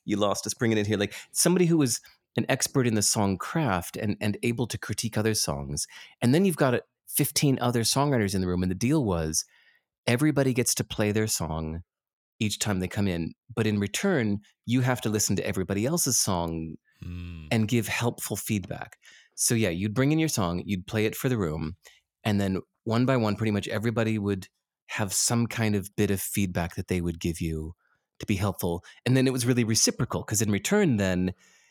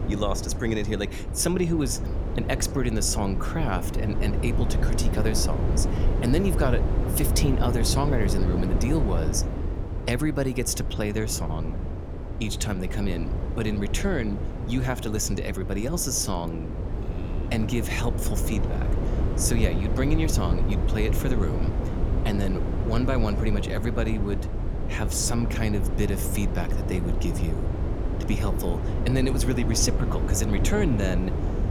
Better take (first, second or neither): first